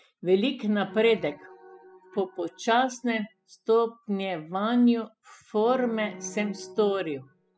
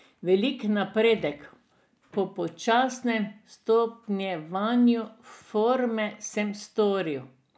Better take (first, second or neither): second